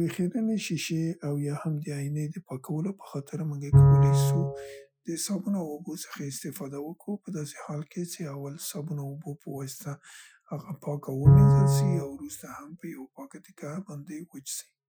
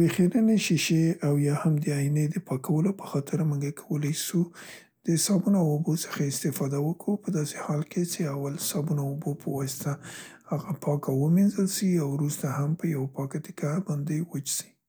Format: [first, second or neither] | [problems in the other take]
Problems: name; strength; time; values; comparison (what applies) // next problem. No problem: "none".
second | noise reduction (classical method Wiener filter)